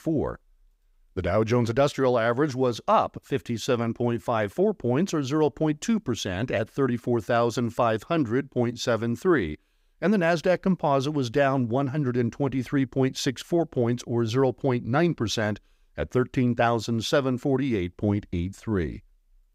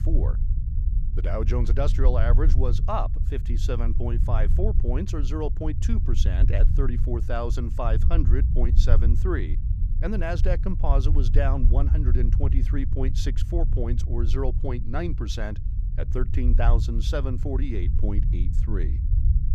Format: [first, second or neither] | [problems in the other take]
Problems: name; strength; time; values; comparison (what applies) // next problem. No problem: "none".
first | low rumble; loud; throughout; 9 dB below the speech